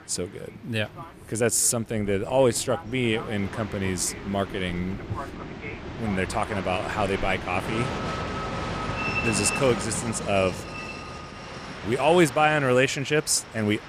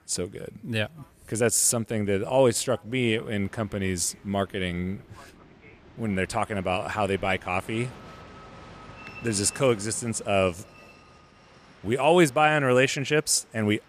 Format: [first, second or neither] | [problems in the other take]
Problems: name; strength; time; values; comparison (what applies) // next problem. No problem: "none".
second | train or aircraft noise; loud; throughout; 8 dB below the speech; faint in the second